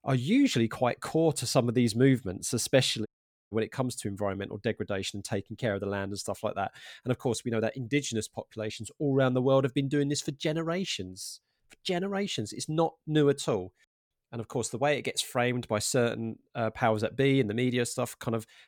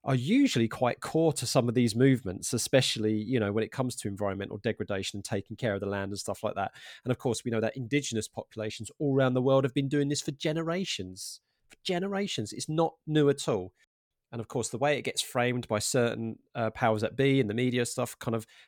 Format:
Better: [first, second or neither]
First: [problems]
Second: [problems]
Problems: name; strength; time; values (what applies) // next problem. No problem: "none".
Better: second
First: audio cutting out; at 3 s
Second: none